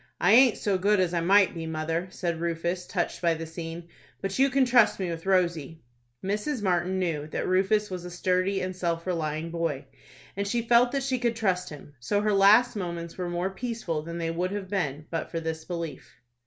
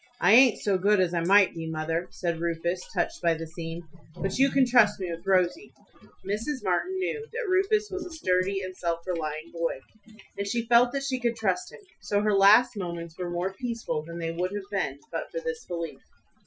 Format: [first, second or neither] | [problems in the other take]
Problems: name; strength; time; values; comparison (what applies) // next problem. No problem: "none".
first | noise reduction (classical method Wiener filter)